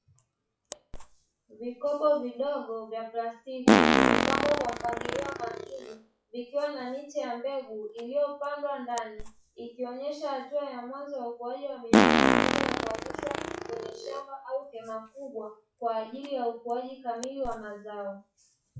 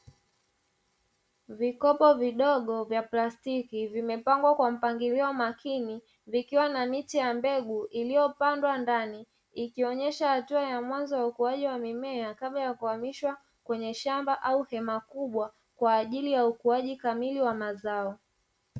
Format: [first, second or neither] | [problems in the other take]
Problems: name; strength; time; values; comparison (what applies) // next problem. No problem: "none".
second | noise reduction (classical method WPE with log-MMSE)